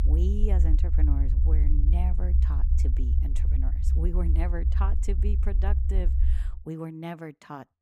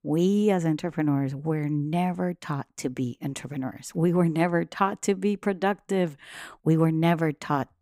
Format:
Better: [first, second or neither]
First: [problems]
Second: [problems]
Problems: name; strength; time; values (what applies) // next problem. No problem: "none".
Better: second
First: low rumble; loud; until 6.5 s; 5 dB below the speech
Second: none